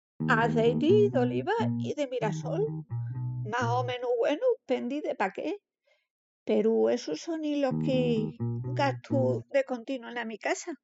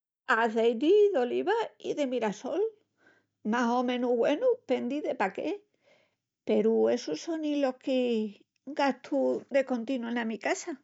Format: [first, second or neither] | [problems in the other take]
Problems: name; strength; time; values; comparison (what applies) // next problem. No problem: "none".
second | noise reduction (classical method spectral subtraction)